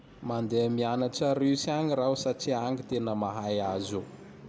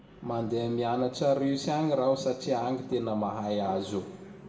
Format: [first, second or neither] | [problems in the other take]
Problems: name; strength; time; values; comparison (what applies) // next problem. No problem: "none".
first | room echo; dies away in 0.8 s